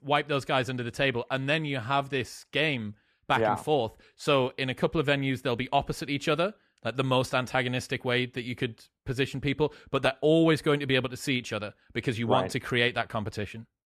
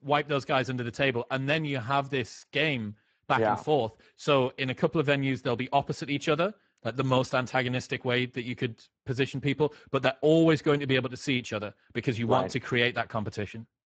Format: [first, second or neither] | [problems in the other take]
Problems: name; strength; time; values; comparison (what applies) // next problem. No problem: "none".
first | garbled, watery; badly; nothing above 7.5 kHz